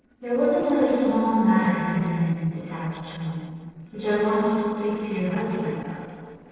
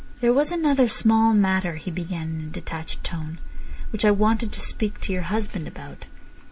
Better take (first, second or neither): second